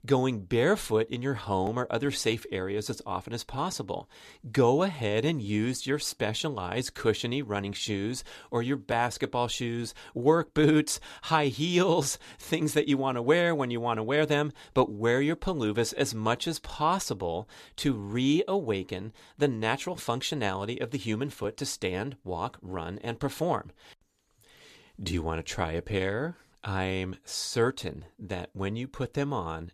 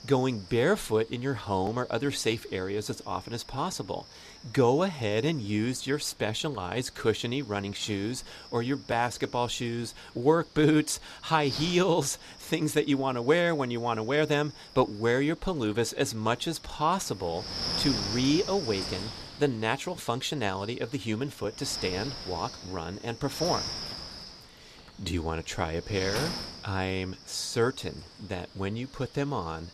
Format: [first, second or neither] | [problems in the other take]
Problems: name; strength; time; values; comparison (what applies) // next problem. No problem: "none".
first | wind noise on the microphone; heavy; 9 dB below the speech